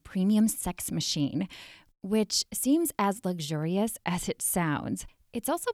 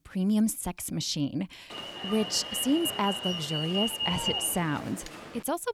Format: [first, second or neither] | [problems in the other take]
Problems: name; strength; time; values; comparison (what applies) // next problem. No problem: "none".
first | alarm; loud; from 1.5 s on; peak 2 dB above the speech